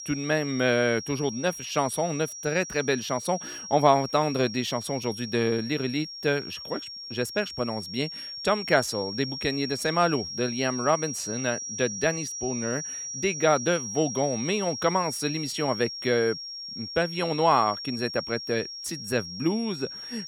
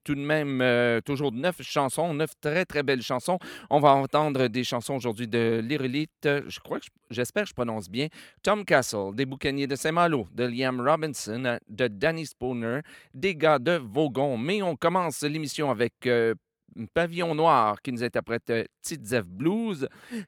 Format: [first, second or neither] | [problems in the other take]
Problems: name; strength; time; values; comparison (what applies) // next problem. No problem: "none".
second | high-pitched whine; loud; throughout; 5.5 kHz, 7 dB below the speech